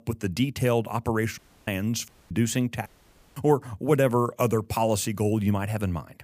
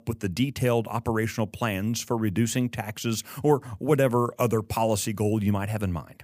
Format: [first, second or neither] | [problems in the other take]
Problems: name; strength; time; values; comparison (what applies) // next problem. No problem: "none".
second | audio cutting out; at 1.5 s, at 2 s and at 3 s for 0.5 s